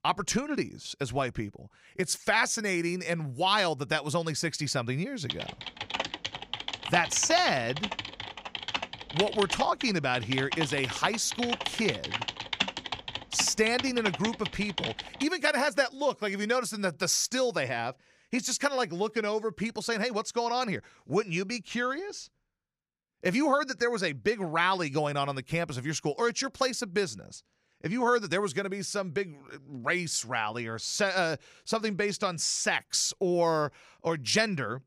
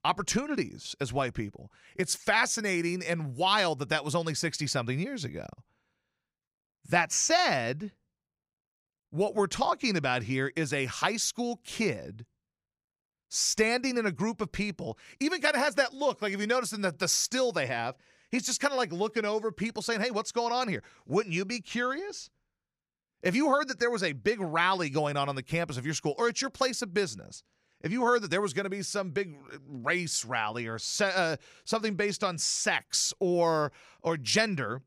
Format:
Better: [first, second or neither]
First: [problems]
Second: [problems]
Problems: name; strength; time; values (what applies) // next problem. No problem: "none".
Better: second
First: keyboard typing; noticeable; from 5.5 to 15 s; peak 1 dB below the speech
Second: none